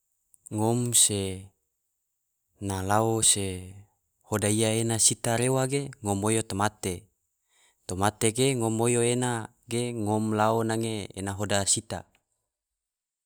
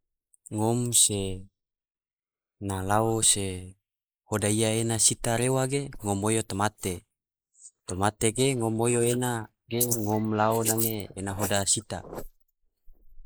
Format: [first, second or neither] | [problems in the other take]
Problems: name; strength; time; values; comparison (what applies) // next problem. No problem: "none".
first | noise reduction (neural mask model Resemble Enhance denoiser)